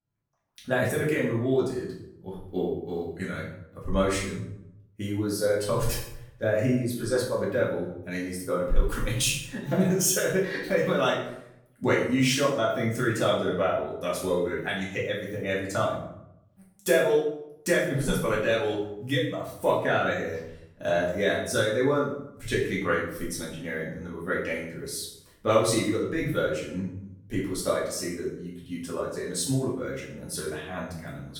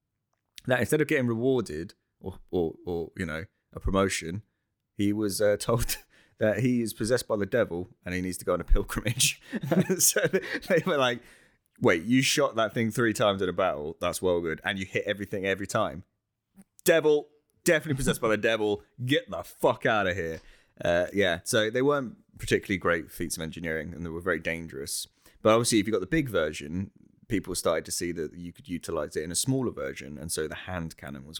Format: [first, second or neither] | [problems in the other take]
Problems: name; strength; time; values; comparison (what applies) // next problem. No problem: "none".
second | room echo; noticeable; dies away in 0.6 s // off-mic speech; far